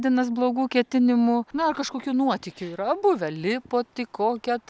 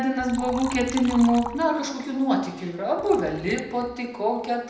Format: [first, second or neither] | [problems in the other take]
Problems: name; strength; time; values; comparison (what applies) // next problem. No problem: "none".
first | background sound (Liquid); 15 dB below the speech // room echo; dies away in 0.8 s